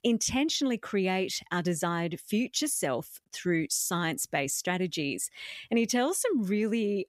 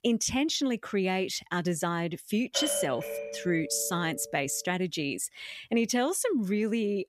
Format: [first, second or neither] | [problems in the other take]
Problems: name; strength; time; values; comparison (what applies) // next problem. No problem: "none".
first | doorbell; noticeable; from 2.5 to 4.5 s; peak 1 dB below the speech